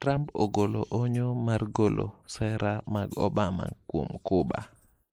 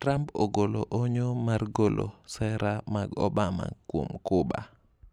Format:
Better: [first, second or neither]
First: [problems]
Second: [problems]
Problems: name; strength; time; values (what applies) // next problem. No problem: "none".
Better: second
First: noise reduction (neural mask model Resemble Enhance denoiser)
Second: none